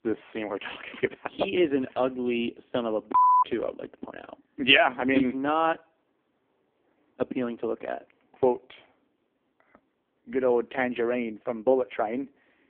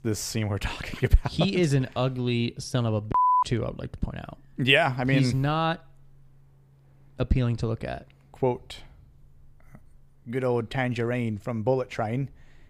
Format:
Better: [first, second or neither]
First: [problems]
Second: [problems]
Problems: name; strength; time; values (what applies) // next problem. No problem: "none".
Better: second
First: phone-call audio; poor line; nothing above 3 kHz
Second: none